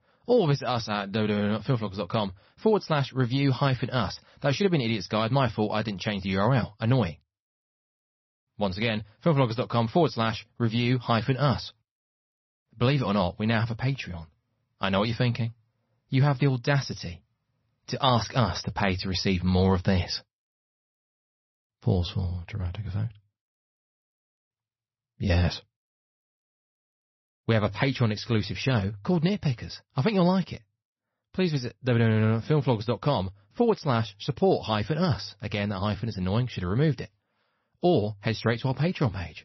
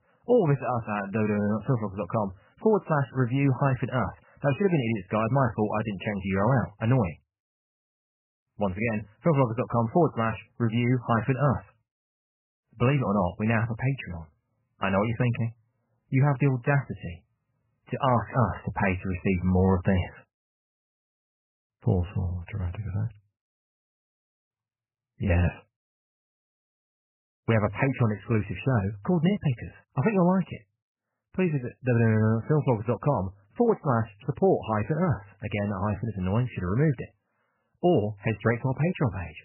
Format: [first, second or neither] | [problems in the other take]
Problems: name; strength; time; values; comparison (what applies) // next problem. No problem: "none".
first | garbled, watery; badly; nothing above 3 kHz; slightly in the first